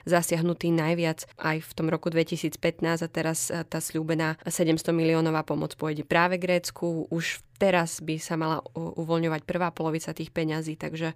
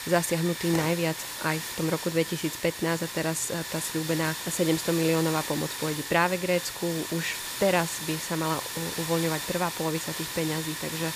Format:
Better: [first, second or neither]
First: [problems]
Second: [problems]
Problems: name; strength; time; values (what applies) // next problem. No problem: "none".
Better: first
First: none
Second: hiss; loud; throughout; 5 dB below the speech